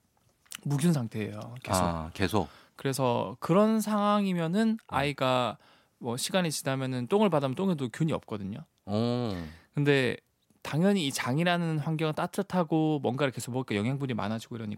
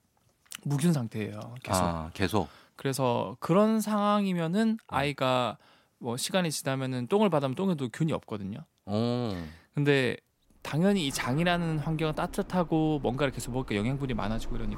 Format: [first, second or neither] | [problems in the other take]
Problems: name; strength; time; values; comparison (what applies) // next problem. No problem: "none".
first | household noises; noticeable; from 11 s on; 20 dB below the speech